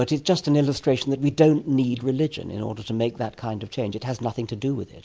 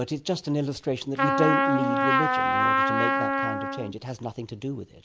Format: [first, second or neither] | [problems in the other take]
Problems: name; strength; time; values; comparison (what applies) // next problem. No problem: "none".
first | background sound (Trumpet); 5 dB above the speech